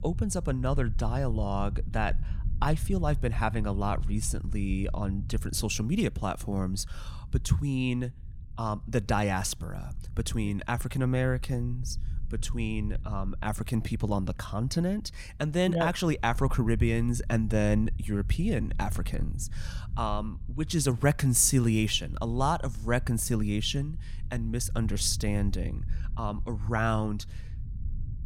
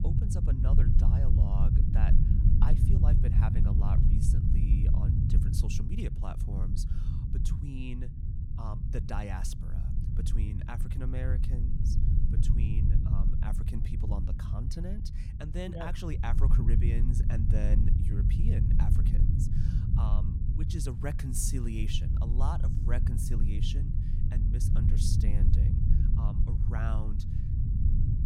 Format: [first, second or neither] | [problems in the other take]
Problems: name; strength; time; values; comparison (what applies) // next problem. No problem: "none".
first | low rumble; loud; throughout; as loud as the speech; faint in the first